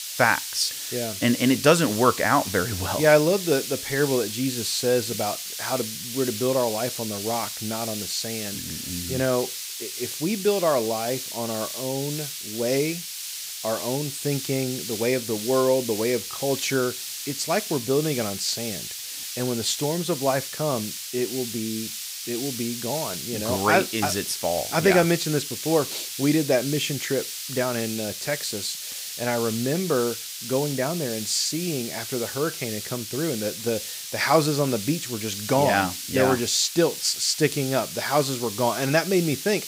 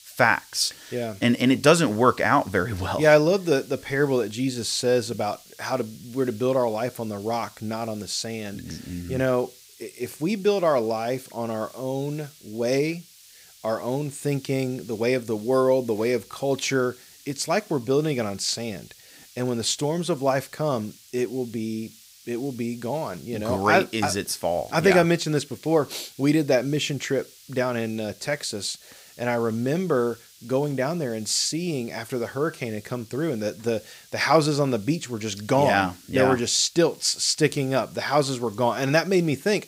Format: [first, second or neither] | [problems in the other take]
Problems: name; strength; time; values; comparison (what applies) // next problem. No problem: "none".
second | hiss; loud; throughout; 6 dB below the speech; faint in the second